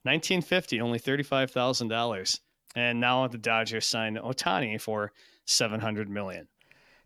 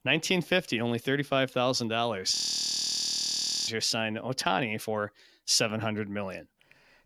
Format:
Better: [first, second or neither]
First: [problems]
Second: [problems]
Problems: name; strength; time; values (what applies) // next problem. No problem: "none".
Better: first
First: none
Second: audio freezing; at 2.5 s for 1.5 s